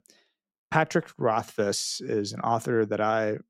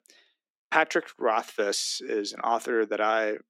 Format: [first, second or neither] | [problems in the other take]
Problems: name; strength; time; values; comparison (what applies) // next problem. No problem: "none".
first | thin; somewhat; fading below 250 Hz